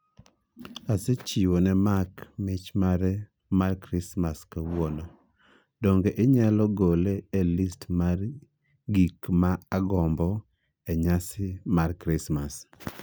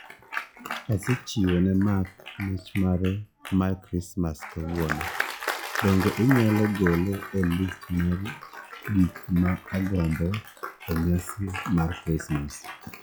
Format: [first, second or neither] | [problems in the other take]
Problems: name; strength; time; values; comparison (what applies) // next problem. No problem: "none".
first | noise reduction (classical method log-MMSE)